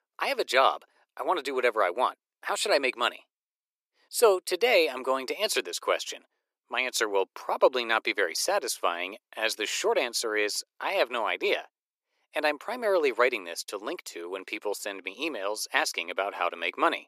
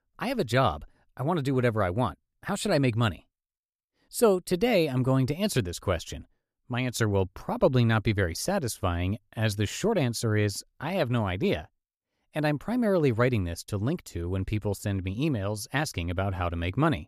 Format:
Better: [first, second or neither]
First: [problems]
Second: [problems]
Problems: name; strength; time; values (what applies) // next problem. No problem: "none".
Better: second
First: thin; very; fading below 350 Hz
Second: none